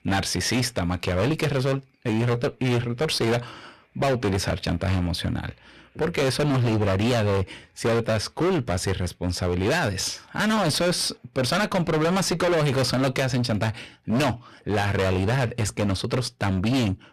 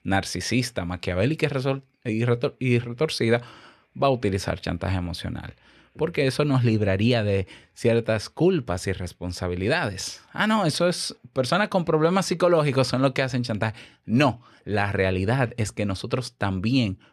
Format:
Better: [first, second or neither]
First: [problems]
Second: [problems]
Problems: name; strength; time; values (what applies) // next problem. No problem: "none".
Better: second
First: distortion; heavy; 26% of the sound clipped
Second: none